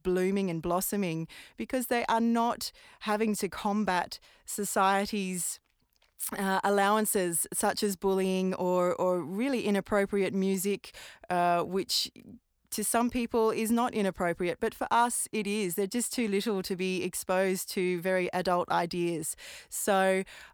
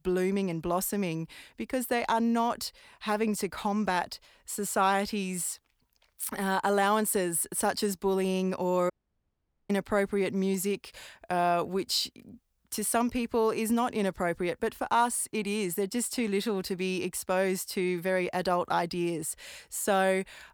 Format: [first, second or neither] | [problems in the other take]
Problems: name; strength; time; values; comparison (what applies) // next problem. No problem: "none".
first | audio cutting out; at 9 s for 1 s